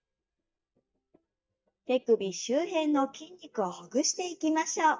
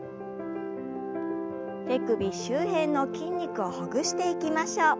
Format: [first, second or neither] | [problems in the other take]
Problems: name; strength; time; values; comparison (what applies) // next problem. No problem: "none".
second | noise reduction (neural mask model DeepFilterNet 3)